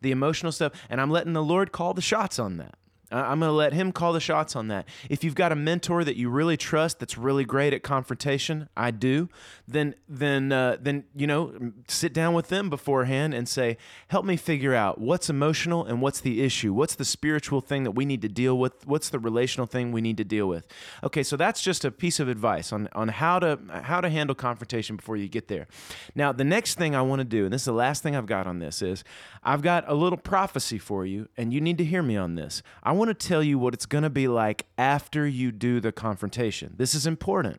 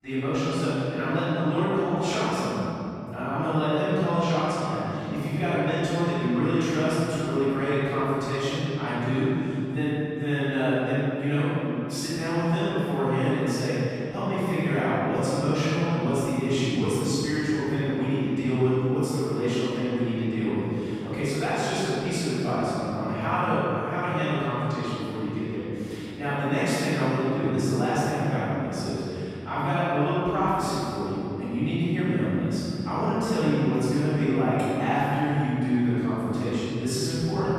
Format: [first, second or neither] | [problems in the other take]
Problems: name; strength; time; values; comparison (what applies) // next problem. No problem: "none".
first | off-mic speech; far // room echo; strong; dies away in 3 s